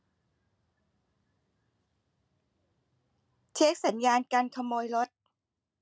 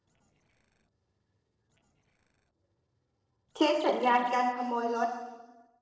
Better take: first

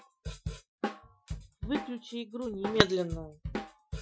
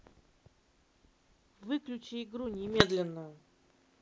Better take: second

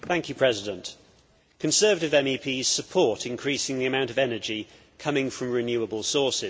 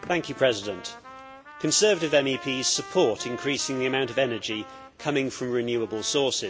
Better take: first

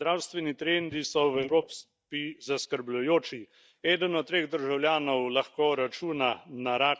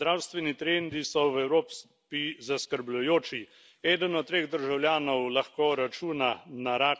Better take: second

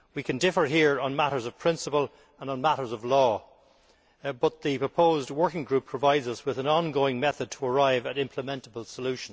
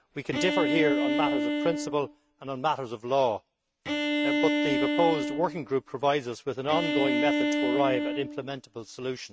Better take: first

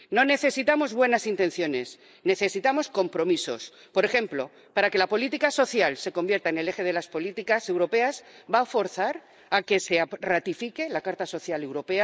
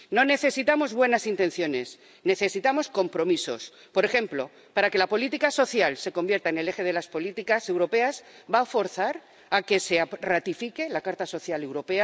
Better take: second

